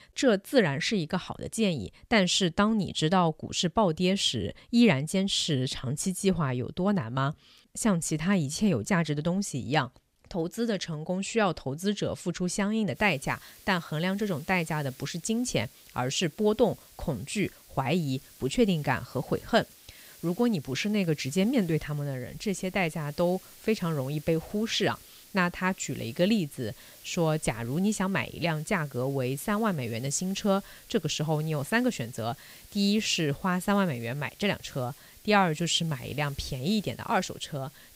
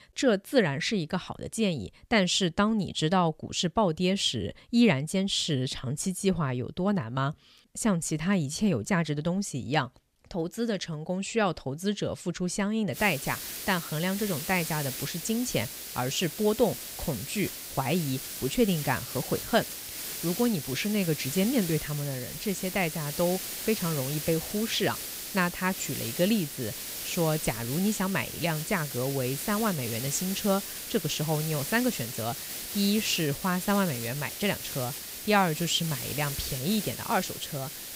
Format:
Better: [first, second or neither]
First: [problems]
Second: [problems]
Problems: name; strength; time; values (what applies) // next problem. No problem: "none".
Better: first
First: hiss; faint; from 13 s on; 20 dB below the speech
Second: hiss; loud; from 13 s on; 6 dB below the speech